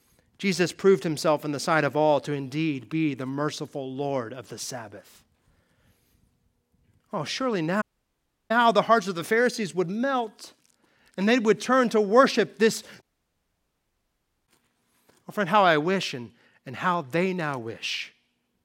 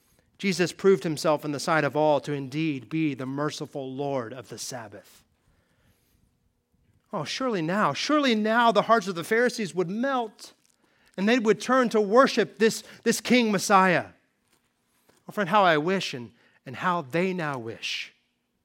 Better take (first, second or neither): second